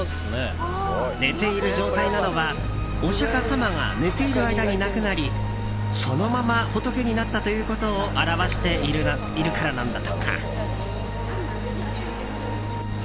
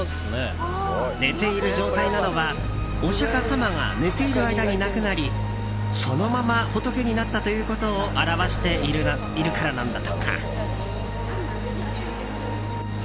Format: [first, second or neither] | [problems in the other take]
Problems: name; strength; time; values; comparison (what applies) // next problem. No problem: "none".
second | background sound (Cat); 19 dB below the speech